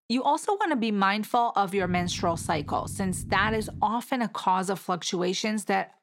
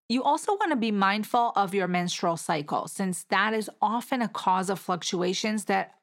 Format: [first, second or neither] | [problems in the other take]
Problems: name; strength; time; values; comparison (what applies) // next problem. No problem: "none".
second | low rumble; faint; from 2 to 4 s; 25 dB below the speech